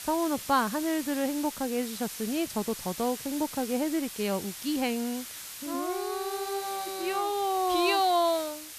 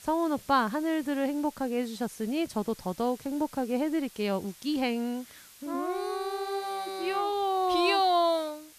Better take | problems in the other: second | hiss; loud; throughout; 9 dB below the speech; faint in the second

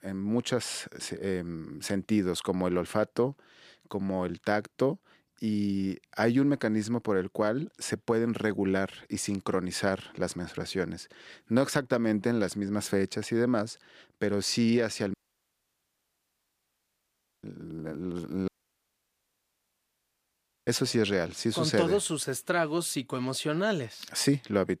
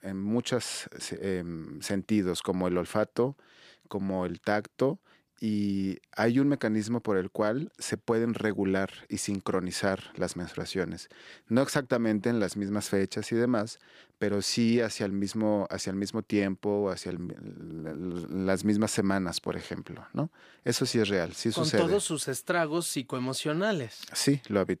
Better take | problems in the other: second | audio cutting out; at 15 s for 2.5 s and at 18 s for 2 s

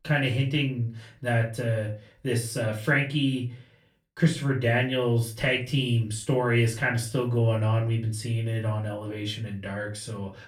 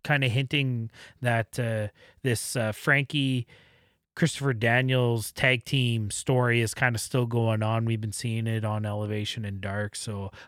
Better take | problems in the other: second | off-mic speech; far // room echo; very slight; dies away in 0.3 s

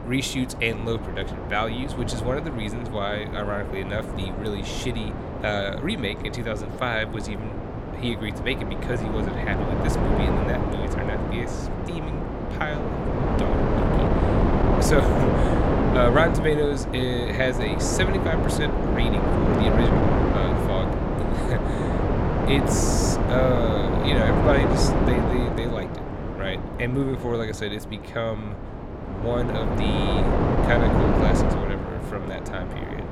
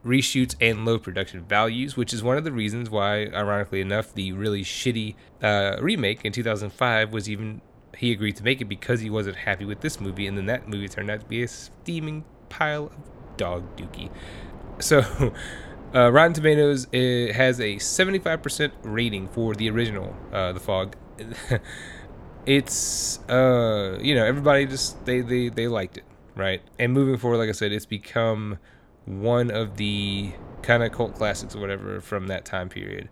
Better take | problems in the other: second | wind noise on the microphone; heavy; as loud as the speech; occasional gusts in the second

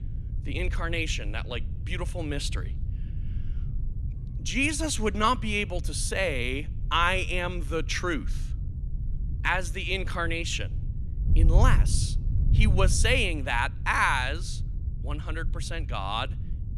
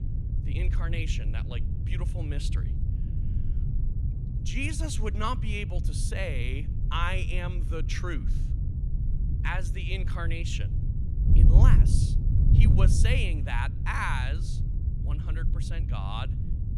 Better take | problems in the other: first | wind noise on the microphone; heavy; 8 dB below the speech; occasional gusts in the first

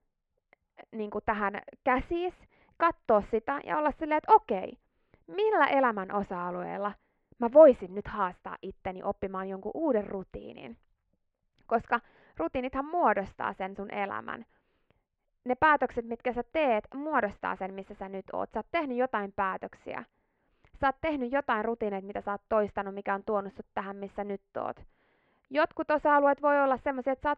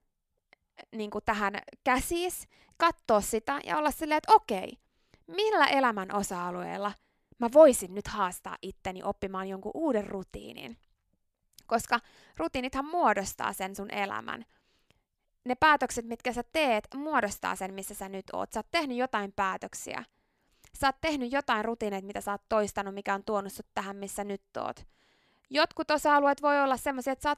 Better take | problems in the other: second | muffled; very; fading above 2 kHz

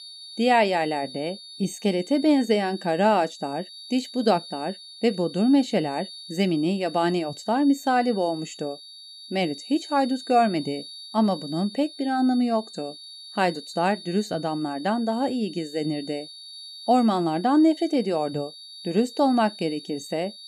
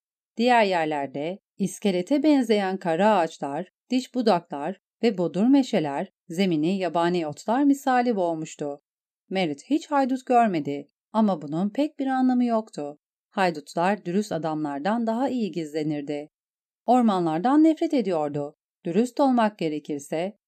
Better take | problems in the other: second | high-pitched whine; noticeable; throughout; 4.5 kHz, 15 dB below the speech

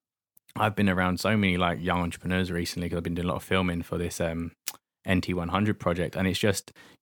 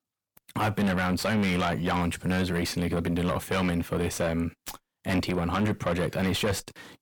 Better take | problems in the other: first | distortion; heavy; 5 dB below the speech

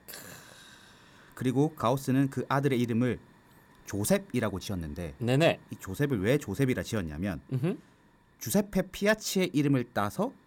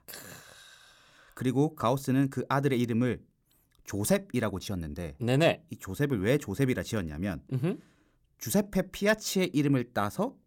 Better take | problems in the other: second | hiss; faint; throughout; 30 dB below the speech

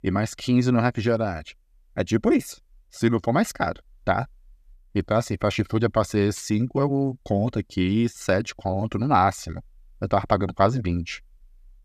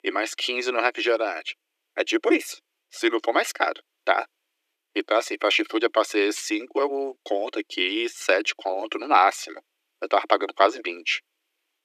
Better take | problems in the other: first | thin; very; fading below 300 Hz

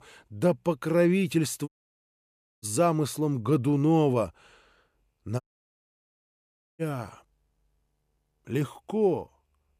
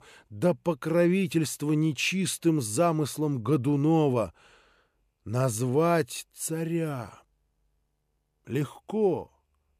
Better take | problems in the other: second | audio cutting out; at 1.5 s for 1 s and at 5.5 s for 1.5 s

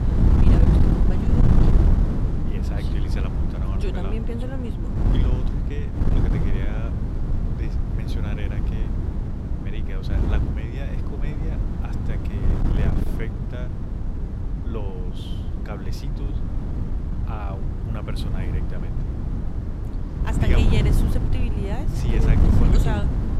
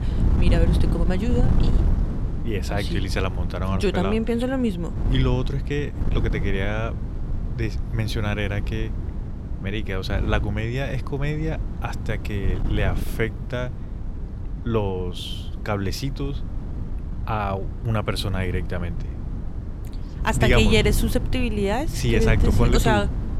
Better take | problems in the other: second | wind noise on the microphone; heavy; 2 dB above the speech; occasional gusts in the second

